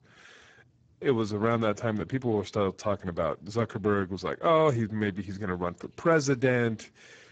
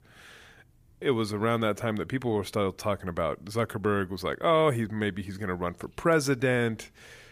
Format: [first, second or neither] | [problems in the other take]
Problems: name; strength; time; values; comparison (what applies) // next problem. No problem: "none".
second | garbled, watery; badly; nothing above 7.5 kHz